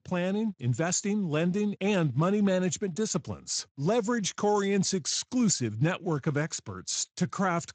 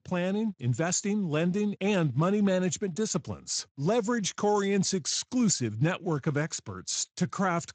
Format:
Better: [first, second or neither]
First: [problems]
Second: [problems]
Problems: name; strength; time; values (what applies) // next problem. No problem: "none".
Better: neither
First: garbled, watery; slightly; nothing above 7.5 kHz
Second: garbled, watery; slightly; nothing above 7.5 kHz